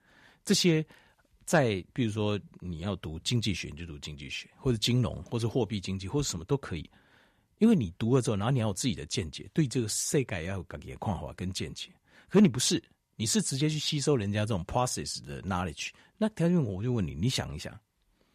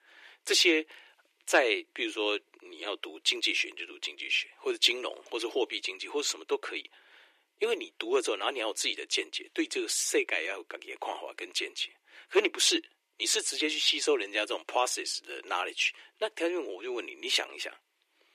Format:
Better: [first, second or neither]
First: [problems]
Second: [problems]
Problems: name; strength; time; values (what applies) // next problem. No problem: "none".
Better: first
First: none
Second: thin; very; fading below 300 Hz